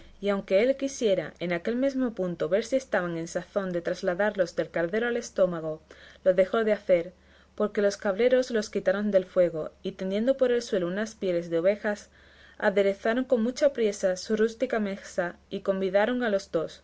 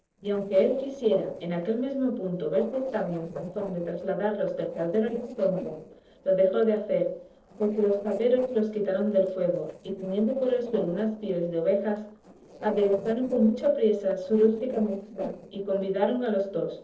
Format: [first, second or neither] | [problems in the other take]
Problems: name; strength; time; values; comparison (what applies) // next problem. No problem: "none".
first | noise reduction (neural separator model SepFormer DNS4)